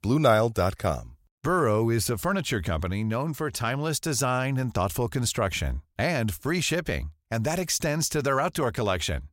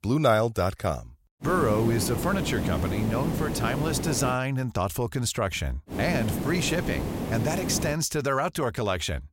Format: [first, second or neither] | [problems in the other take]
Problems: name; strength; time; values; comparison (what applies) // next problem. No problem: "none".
first | hiss; loud; from 1.5 to 4.5 s and from 6 to 8 s; 4 dB below the speech